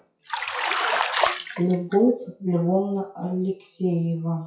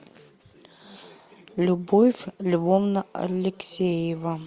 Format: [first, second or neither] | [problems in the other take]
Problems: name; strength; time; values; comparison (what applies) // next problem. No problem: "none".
second | noise reduction (classical method WPE with log-MMSE)